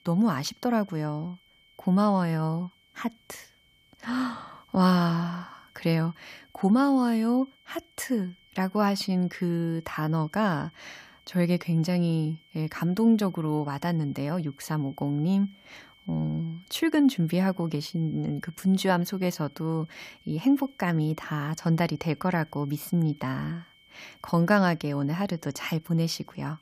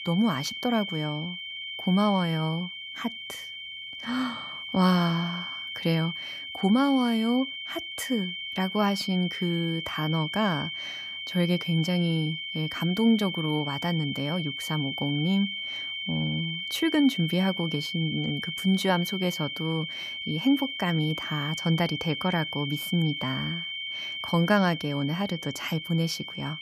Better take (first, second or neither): first